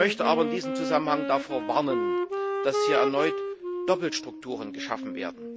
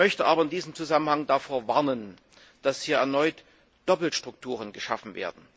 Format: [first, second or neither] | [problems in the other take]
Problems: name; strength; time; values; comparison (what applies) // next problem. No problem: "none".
second | background sound (Wind instrument, woodwind instrument); 2 dB below the speech